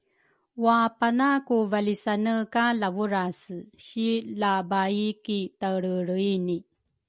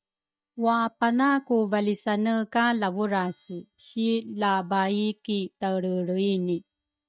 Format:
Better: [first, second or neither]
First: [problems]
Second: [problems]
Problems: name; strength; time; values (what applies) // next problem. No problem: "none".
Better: first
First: none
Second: noise reduction (neural mask model DeepFilterNet 3)